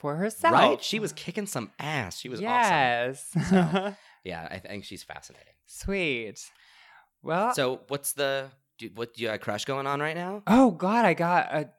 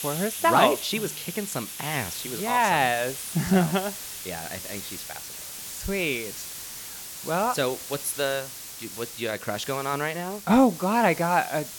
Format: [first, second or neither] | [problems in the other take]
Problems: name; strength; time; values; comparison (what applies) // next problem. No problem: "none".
first | hiss; loud; throughout; 10 dB below the speech